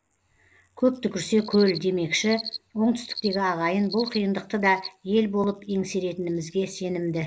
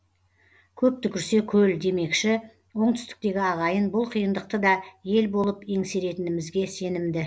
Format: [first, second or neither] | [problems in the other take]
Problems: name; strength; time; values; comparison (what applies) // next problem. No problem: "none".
second | noise reduction (neural mask model Resemble Enhance denoiser)